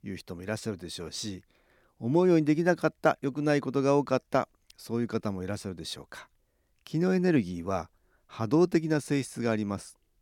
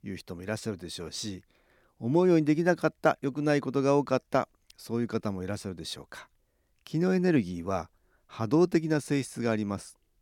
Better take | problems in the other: neither | none

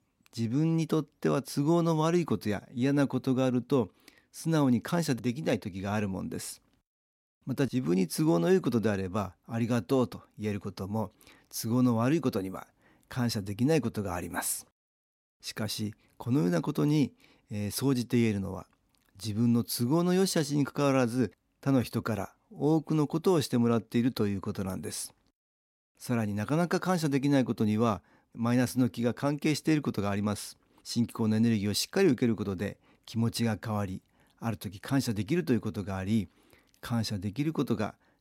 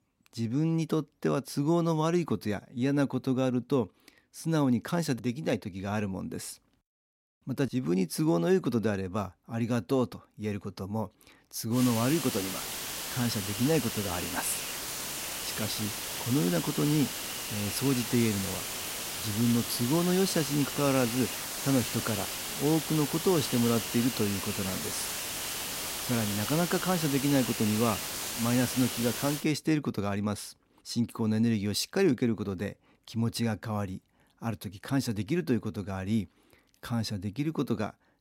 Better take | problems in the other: first | hiss; loud; from 12 to 29 s; 3 dB below the speech

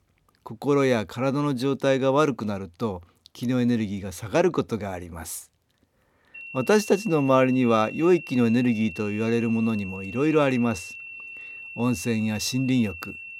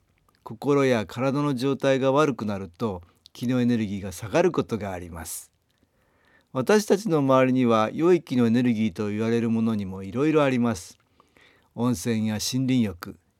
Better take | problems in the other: second | high-pitched whine; noticeable; from 6.5 s on; 2.5 kHz, 15 dB below the speech

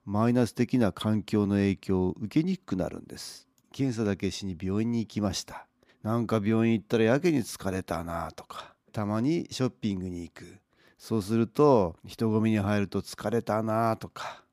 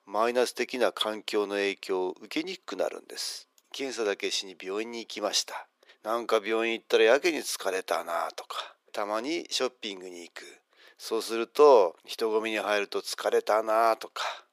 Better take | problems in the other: first | thin; very; fading below 450 Hz

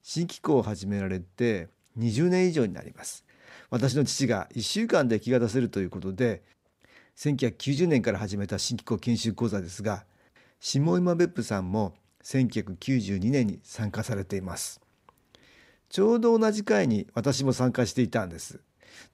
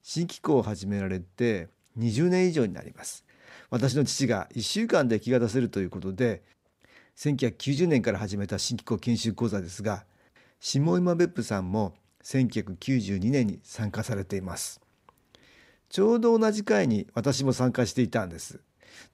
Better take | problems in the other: neither | none

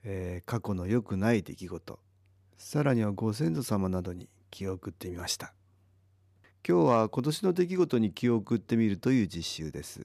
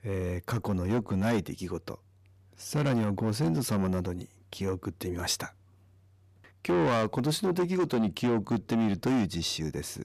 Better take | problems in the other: first | distortion; heavy; 7 dB below the speech

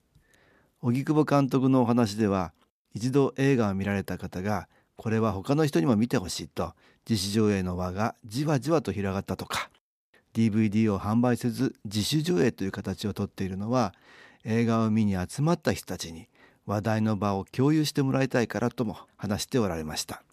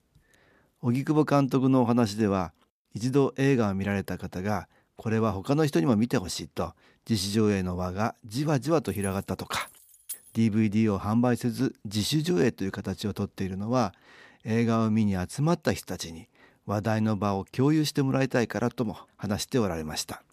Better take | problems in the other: first | jangling keys; faint; from 9 to 10 s; peak 10 dB below the speech

